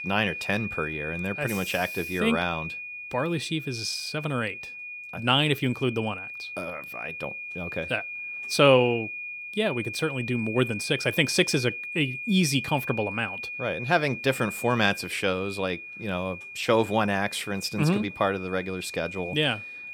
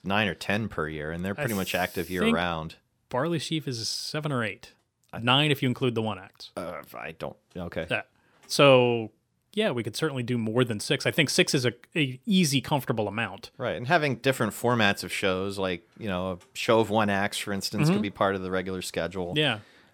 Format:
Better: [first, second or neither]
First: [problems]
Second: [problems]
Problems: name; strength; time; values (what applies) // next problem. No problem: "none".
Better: second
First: high-pitched whine; loud; throughout; 2.5 kHz, 8 dB below the speech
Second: none